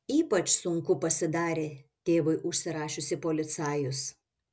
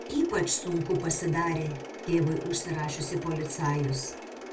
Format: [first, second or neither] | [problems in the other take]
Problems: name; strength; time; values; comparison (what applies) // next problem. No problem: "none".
first | background sound (Mechanisms); 11 dB below the speech // room echo; dies away in 0.2 s